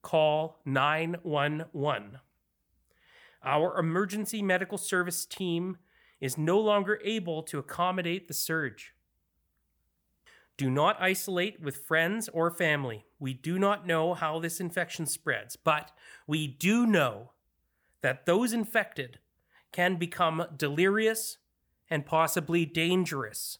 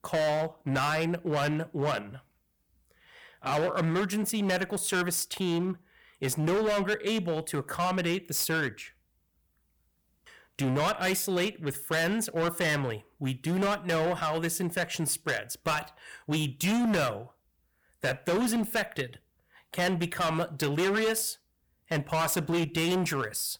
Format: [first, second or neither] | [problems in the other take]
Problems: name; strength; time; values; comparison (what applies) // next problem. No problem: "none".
first | distortion; heavy; 15% of the sound clipped